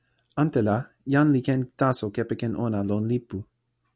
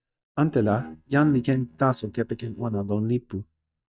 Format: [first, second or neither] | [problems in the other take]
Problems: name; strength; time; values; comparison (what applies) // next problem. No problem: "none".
first | noise reduction (neural mask model DeepFilterNet 3)